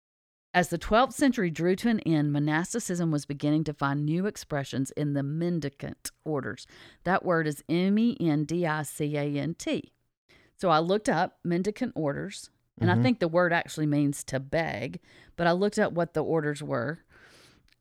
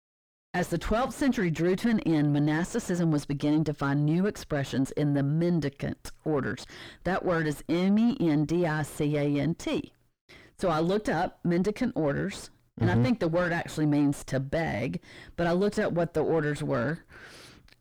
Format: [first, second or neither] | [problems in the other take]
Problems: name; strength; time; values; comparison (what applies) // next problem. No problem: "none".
first | distortion; heavy; 5 dB below the speech